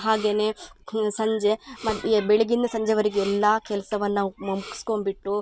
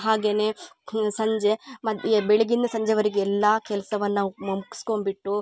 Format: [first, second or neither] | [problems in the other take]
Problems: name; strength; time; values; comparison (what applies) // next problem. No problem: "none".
second | background sound (Respiratory sounds); 20 dB below the speech